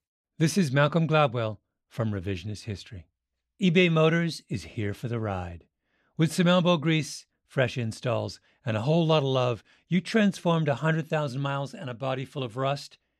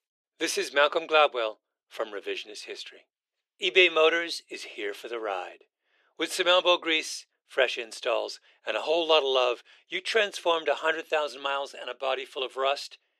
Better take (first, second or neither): first